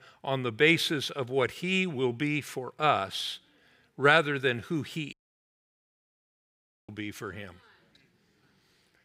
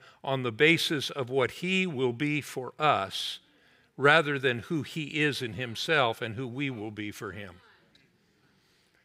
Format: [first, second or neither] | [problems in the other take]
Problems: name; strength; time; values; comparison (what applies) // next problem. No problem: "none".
second | audio cutting out; at 5 s for 2 s